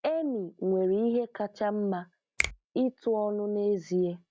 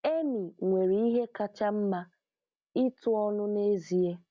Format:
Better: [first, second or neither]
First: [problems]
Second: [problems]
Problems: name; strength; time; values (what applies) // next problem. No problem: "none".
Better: second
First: background sound (Finger snapping); 9 dB below the speech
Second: none